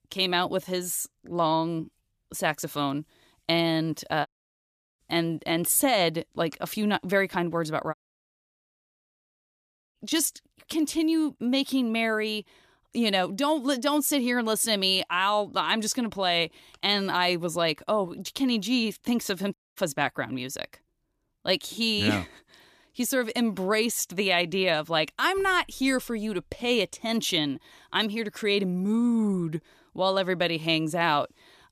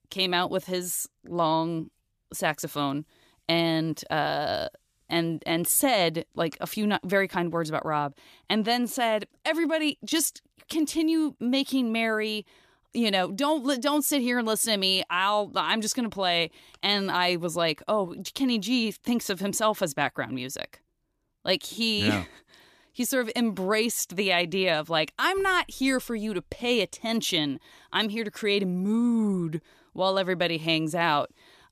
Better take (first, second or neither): second